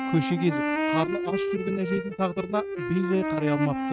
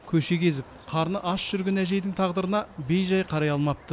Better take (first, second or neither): second